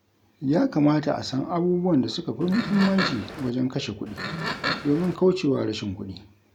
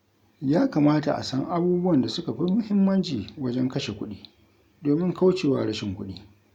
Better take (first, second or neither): second